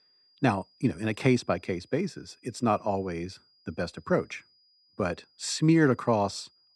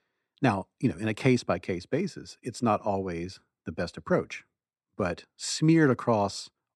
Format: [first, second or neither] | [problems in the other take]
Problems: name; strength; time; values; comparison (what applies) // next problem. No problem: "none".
second | high-pitched whine; faint; throughout; 5 kHz, 35 dB below the speech